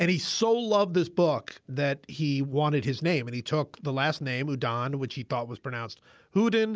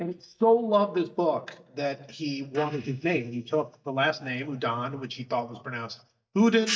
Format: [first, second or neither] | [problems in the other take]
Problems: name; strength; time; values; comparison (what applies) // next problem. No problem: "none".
first | noise reduction (neural mask model DeepFilterNet 3)